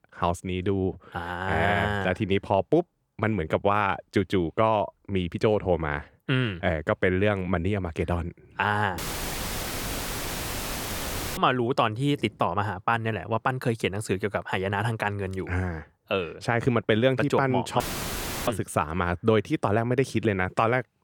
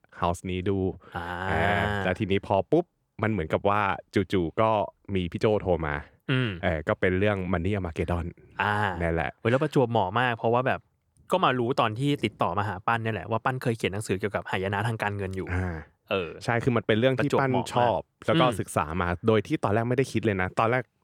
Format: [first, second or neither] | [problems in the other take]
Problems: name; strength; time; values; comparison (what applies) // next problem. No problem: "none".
second | audio cutting out; filled with static; at 9 s for 2.5 s and at 18 s for 0.5 s